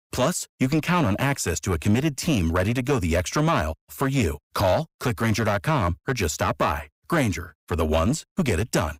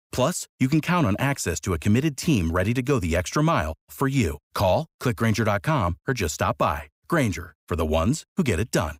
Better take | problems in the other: second | distortion; slight; 7% of the sound clipped

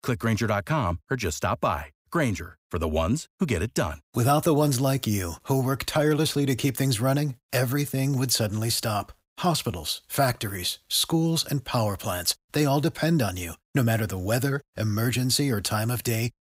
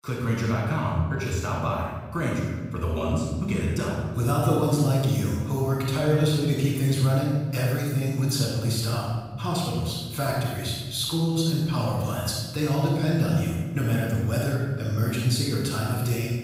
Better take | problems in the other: first | off-mic speech; far // room echo; strong; dies away in 1.7 s

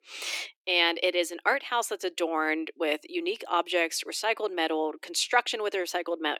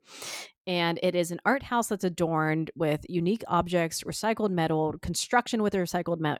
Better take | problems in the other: second | thin; very; fading below 300 Hz

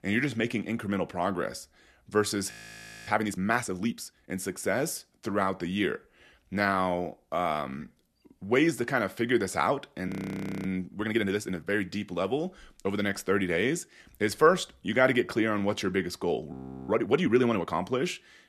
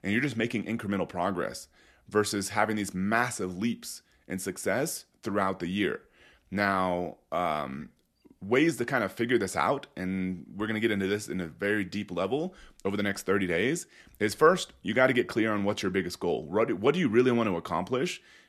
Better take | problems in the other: second | audio freezing; at 2.5 s for 0.5 s, at 10 s for 0.5 s and at 17 s

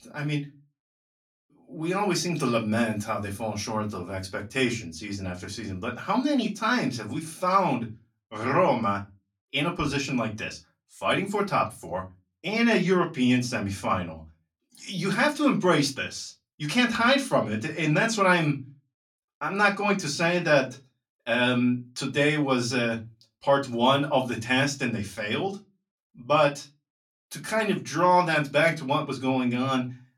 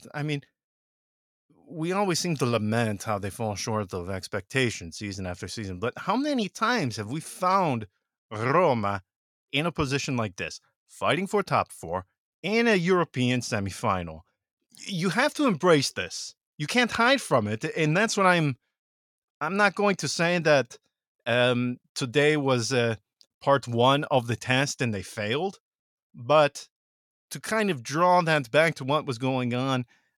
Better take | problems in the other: second | off-mic speech; far // room echo; very slight; dies away in 0.2 s

